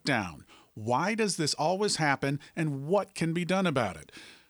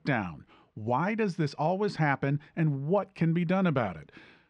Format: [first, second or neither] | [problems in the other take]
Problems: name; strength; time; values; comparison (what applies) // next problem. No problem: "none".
first | muffled; slightly; fading above 2.5 kHz